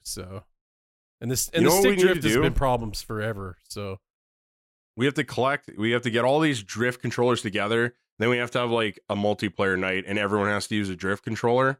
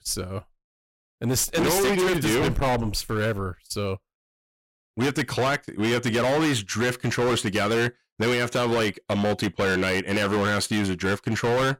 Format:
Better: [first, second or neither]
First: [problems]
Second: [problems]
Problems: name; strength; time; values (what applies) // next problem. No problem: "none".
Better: first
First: none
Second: distortion; heavy; 21% of the sound clipped